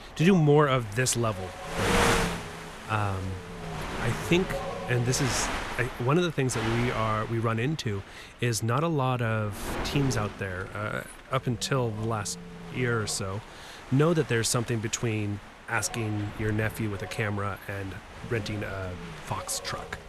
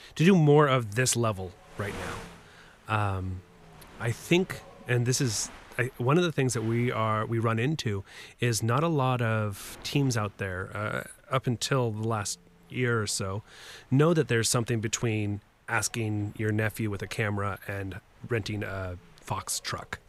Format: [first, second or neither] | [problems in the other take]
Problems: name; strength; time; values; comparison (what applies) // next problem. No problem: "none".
second | wind noise on the microphone; heavy; 5 dB below the speech; occasional gusts in the second